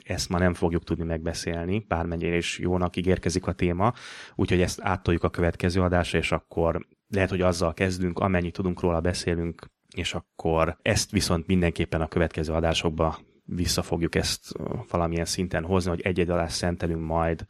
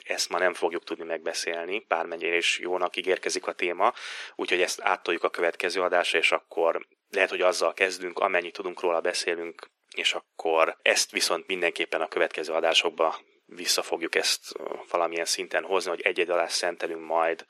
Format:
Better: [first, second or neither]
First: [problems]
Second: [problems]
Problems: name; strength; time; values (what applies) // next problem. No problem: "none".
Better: first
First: none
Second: thin; very; fading below 400 Hz